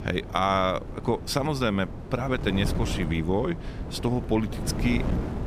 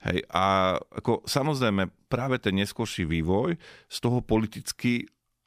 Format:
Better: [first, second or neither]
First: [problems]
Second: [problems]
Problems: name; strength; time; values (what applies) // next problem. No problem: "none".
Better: second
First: wind noise on the microphone; occasional gusts; 10 dB below the speech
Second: none